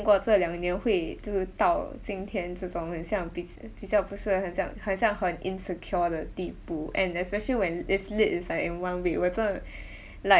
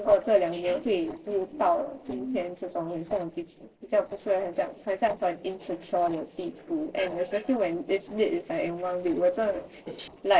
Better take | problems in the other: first | noise reduction (neural separator model SepFormer DNS4)

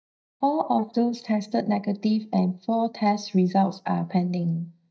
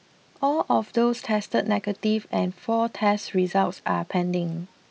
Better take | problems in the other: second | noise reduction (neural mask model DeepFilterNet 3)

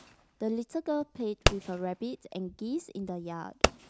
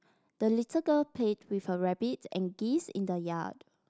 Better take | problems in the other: second | background sound (Fireworks); 1 dB above the speech

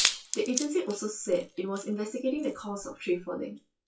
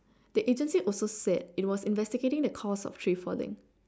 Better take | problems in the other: second | noise reduction (classical method WPE with log-MMSE)

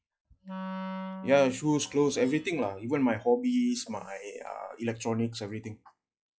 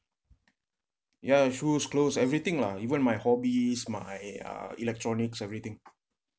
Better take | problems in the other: second | noise reduction (classical method log-MMSE)

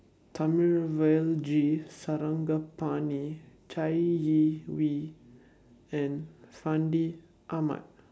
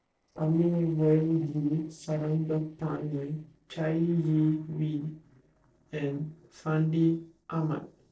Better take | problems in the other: first | noise reduction (neural separator model SepFormer DNS4)

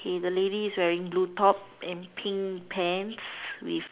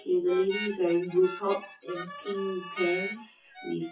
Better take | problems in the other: first | noise reduction (classical method WPE with log-MMSE)

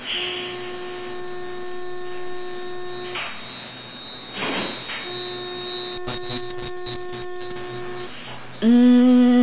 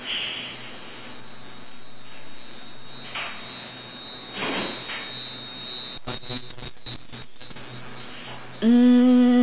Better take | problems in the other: second | background sound (Organ); 10 dB below the speech

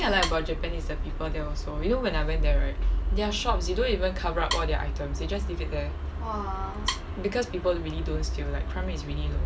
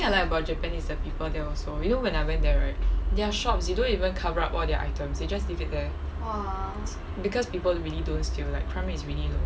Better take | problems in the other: second | background sound (Wood); 10 dB below the speech

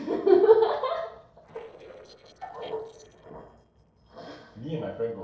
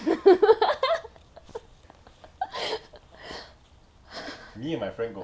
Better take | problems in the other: second | noise reduction (neural separator model SepFormer DNS4)

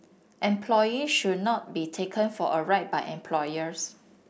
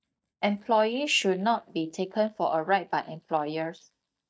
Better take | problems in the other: first | noise reduction (neural mask model DeepFilterNet 3)

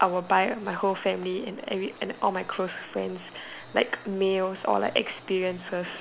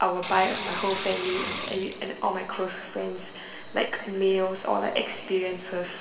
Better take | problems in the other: first | background sound (Sink (filling or washing) / Water); 7 dB below the speech // room echo; dies away in 2.3 s

